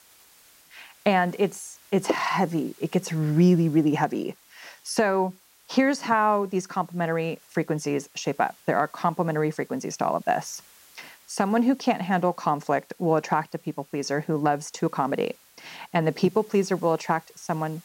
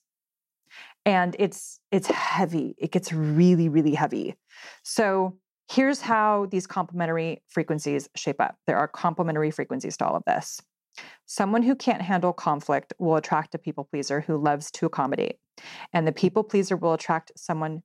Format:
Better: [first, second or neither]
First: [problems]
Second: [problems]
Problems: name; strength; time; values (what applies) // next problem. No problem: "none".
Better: second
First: hiss; faint; throughout; 25 dB below the speech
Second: none